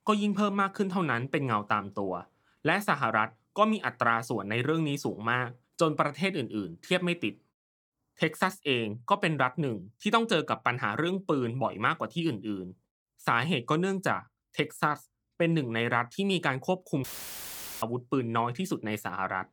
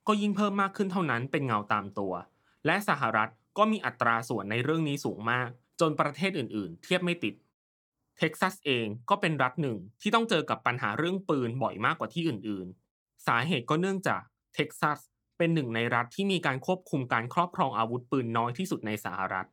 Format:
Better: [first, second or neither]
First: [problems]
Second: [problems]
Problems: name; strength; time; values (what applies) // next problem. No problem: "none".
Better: second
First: audio cutting out; filled with static; at 17 s for 1 s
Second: none